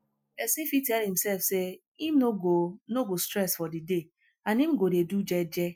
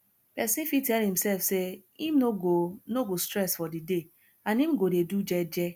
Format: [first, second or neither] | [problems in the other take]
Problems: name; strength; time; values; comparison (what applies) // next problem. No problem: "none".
second | noise reduction (classical method Wiener filter)